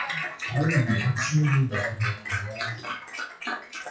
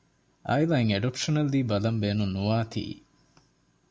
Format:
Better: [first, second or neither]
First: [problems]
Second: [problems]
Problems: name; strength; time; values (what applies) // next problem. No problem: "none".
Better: second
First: noise reduction (classical method WPE with log-MMSE)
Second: none